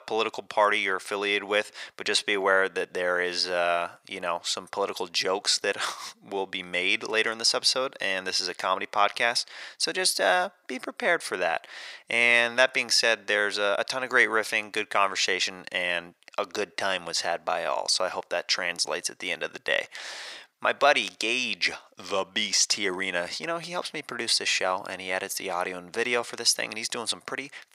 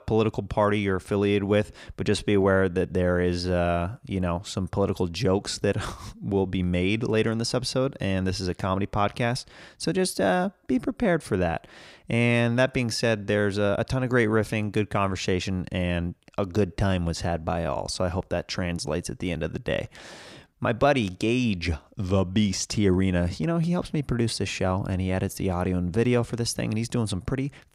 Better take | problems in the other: second | thin; very; fading below 700 Hz

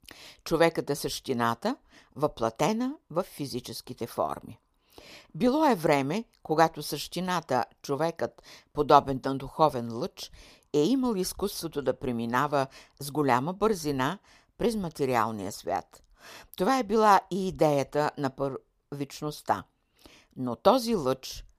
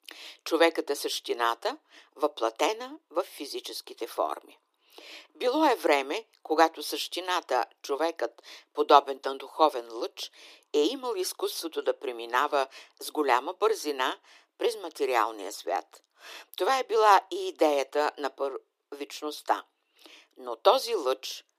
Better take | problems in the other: first | thin; very; fading below 300 Hz

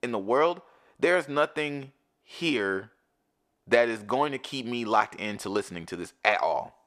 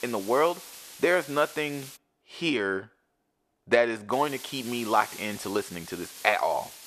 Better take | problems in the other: first | hiss; noticeable; until 2 s and from 4 s on; 15 dB below the speech

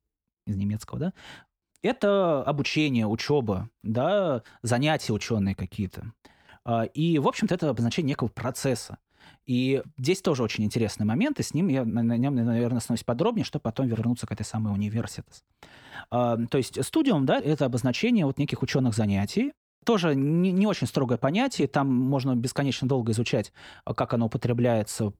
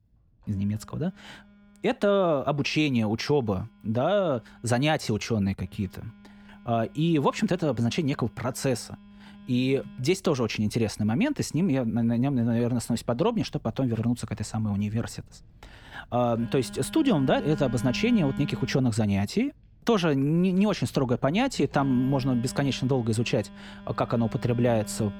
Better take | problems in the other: first | alarms or sirens; noticeable; throughout; 15 dB below the speech

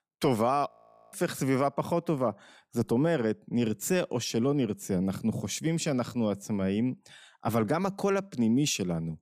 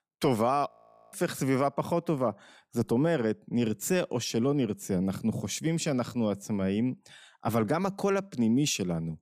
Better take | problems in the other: neither | audio freezing; at 0.5 s; the same in both

